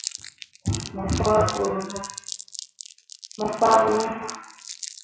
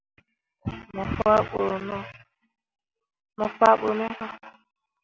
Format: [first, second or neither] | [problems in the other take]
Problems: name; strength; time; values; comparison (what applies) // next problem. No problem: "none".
second | noise reduction (classical method WPE with log-MMSE)